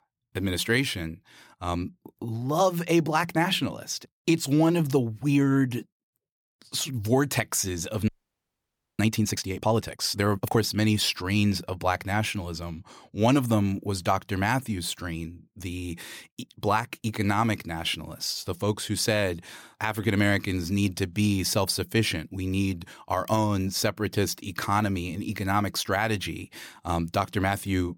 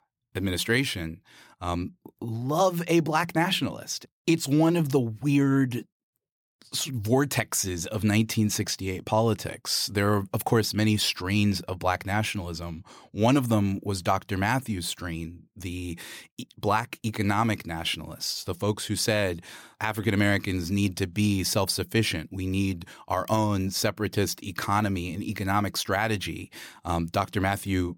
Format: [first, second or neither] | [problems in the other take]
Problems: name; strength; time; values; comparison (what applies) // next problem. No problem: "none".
second | audio freezing; at 8 s for 1 s